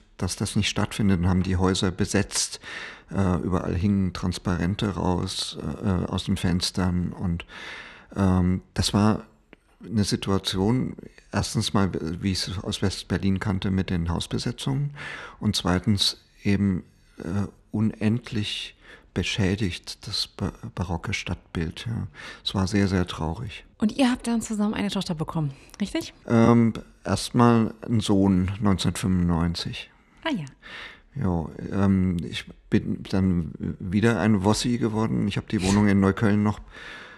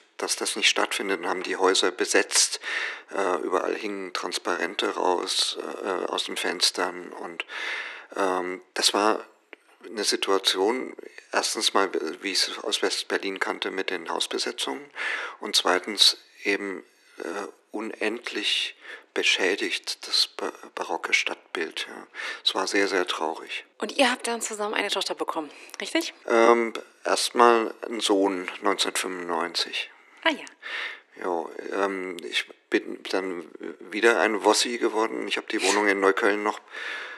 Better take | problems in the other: first | thin; very; fading below 350 Hz

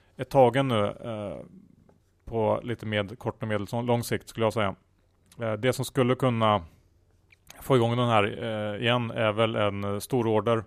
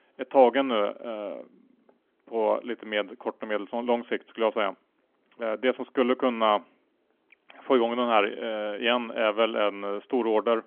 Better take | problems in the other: first | phone-call audio; nothing above 3.5 kHz

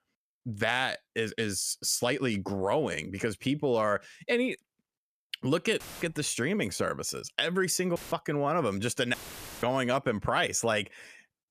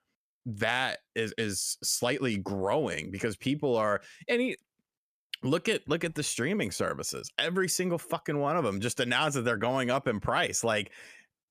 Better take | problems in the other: second | audio cutting out; filled with static; at 6 s, at 8 s and at 9 s

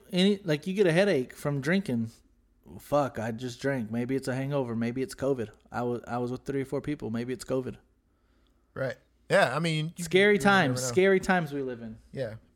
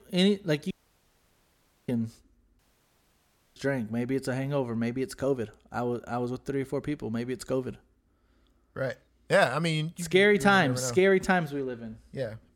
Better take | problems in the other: first | audio cutting out; at 0.5 s for 1 s and at 2.5 s for 1 s

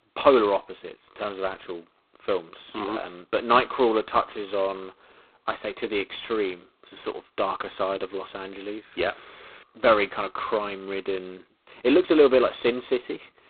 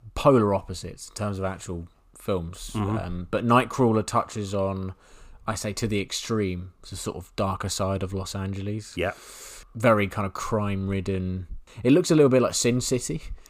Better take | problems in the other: second | phone-call audio; poor line; nothing above 4 kHz

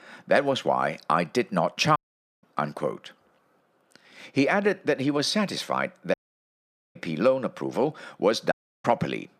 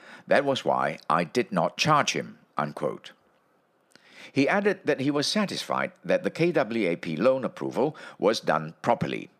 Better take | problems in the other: second | audio cutting out; at 2 s, at 6 s for 1 s and at 8.5 s

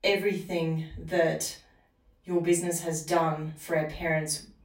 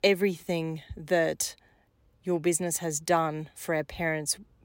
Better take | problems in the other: second | off-mic speech; far // room echo; slight; dies away in 0.3 s

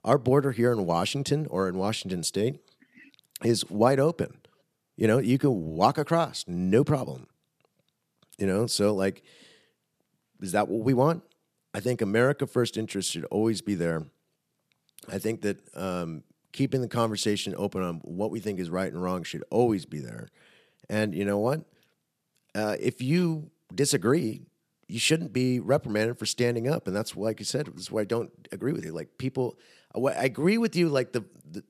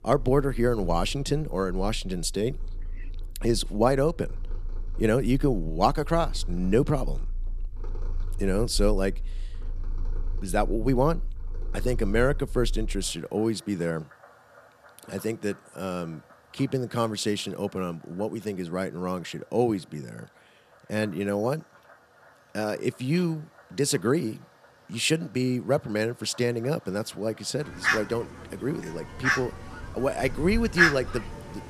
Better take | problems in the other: first | animal sounds; loud; throughout; 6 dB below the speech

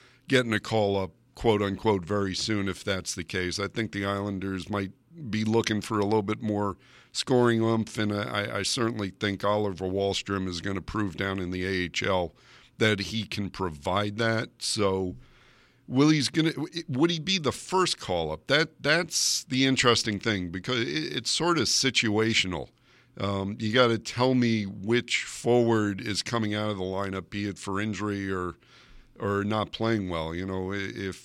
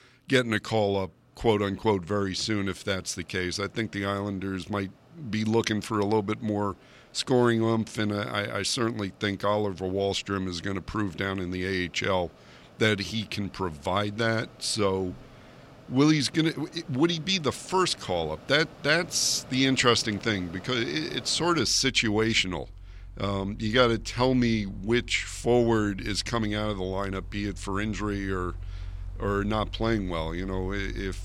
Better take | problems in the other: first | machinery noise; noticeable; throughout; 20 dB below the speech

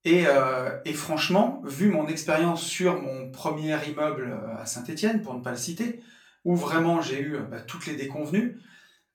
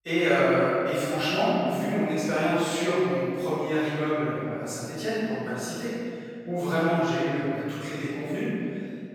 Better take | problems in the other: first | room echo; strong; dies away in 2.2 s; slight in the first // off-mic speech; far; far in the first

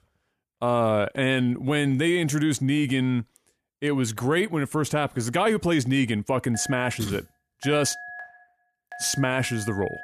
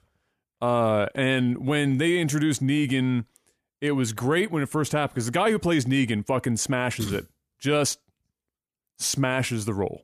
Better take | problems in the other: second | phone ringing; faint; from 6.5 s on; peak 10 dB below the speech

